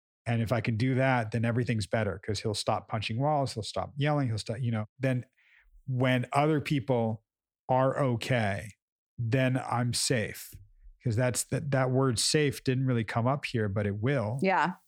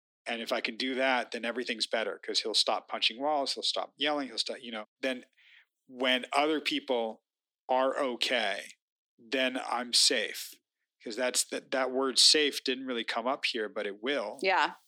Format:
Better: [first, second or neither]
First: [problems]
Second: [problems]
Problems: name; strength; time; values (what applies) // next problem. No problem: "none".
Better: first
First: none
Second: thin; somewhat; fading below 250 Hz